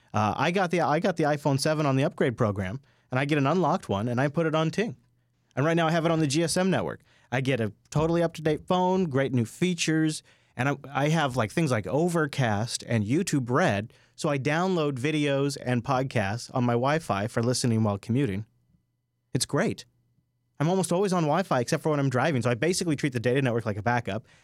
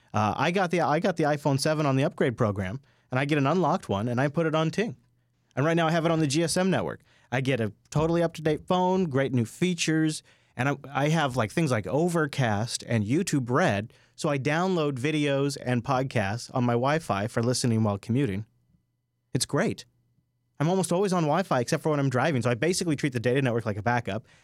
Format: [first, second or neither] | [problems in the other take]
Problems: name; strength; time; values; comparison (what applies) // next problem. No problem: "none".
neither | none